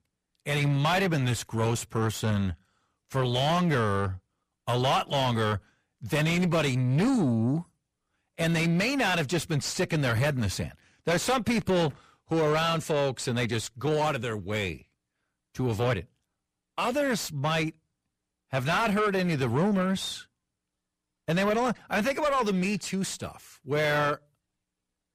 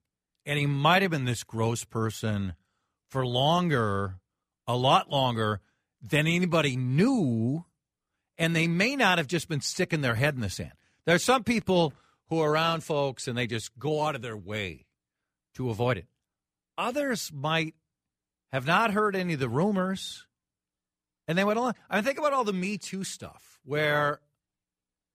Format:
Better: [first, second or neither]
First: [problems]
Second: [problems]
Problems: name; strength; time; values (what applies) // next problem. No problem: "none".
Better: second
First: distortion; heavy; 8 dB below the speech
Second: none